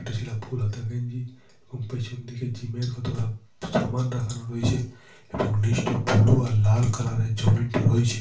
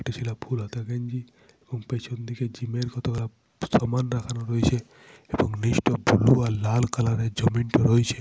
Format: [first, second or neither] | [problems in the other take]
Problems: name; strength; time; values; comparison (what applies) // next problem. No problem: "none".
second | room echo; dies away in 0.3 s